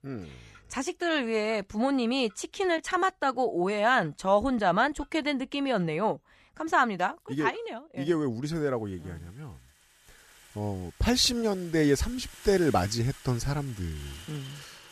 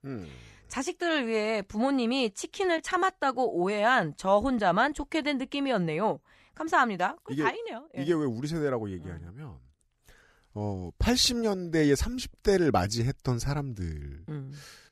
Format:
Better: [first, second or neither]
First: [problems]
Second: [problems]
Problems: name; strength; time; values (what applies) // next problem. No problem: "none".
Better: second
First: household noises; faint; throughout; 20 dB below the speech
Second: none